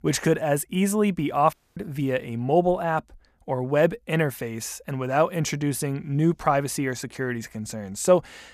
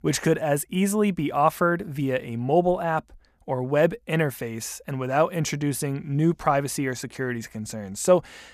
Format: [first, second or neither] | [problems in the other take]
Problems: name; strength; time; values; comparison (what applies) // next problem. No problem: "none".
second | audio cutting out; at 1.5 s